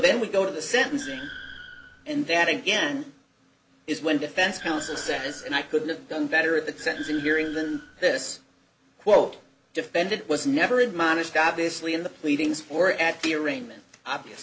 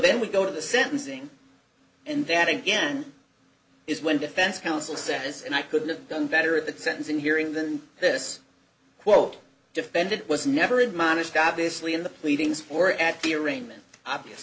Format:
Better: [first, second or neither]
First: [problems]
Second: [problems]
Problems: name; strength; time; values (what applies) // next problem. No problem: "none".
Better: second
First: background sound (Car); 17 dB below the speech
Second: none